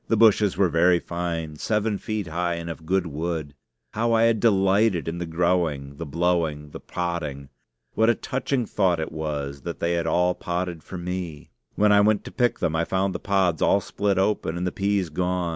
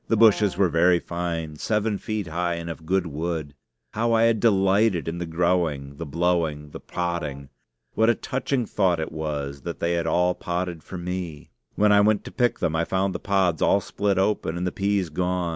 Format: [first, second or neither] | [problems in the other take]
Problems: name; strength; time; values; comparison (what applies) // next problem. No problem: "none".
first | background sound (Brass instrument); 19 dB below the speech